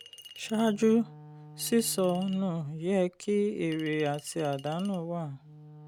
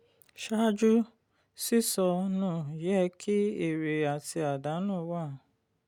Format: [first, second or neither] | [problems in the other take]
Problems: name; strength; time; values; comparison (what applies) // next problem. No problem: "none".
second | background sound (Wind instrument, woodwind instrument + Chink, clink); 20 dB below the speech